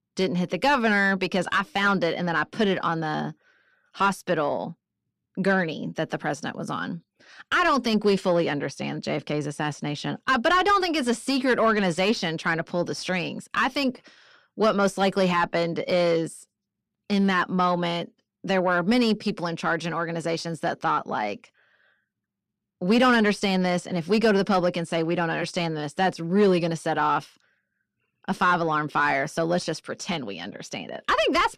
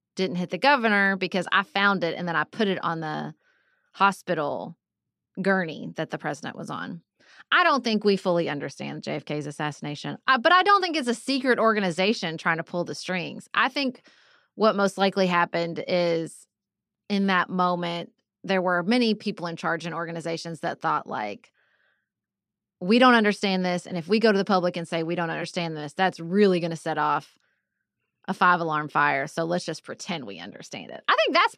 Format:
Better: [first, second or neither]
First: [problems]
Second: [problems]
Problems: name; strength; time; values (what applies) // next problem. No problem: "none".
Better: second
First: distortion; slight; 10 dB below the speech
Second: none